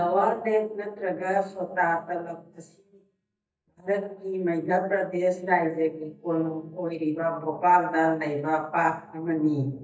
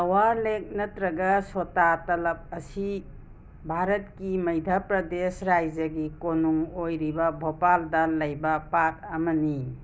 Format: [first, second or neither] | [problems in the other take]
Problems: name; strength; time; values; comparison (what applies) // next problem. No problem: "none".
second | noise reduction (neural mask model DeepFilterNet 3)